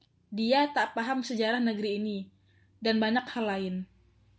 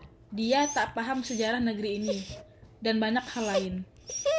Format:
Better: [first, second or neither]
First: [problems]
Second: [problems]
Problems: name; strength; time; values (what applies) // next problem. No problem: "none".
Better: first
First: none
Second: background sound (Dog); 6 dB below the speech